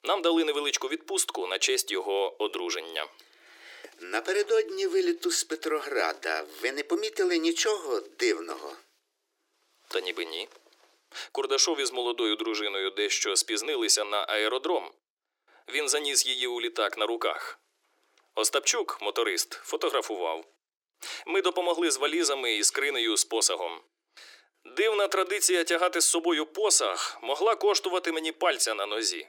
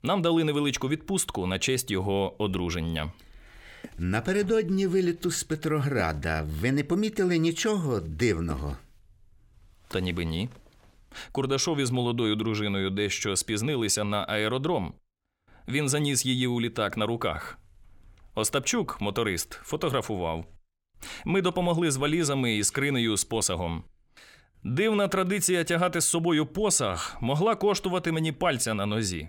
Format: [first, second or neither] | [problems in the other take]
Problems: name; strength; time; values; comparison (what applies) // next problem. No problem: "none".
second | thin; very; fading below 350 Hz